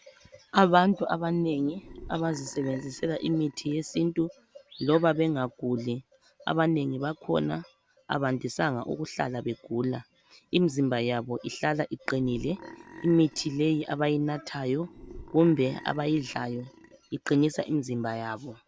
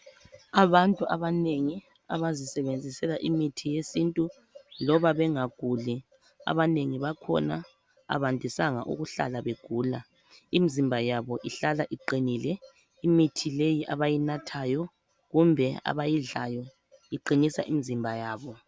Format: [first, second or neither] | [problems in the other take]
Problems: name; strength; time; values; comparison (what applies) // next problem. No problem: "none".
second | background sound (Burping, eructation); 19 dB below the speech